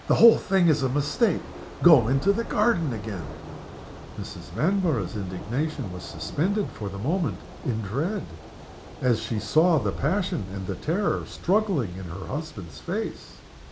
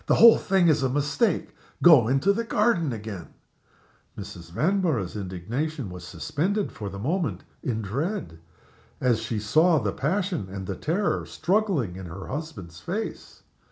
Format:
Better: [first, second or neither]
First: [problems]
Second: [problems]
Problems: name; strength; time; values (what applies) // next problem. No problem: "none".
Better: second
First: background sound (Thunder / Rain); 13 dB below the speech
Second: none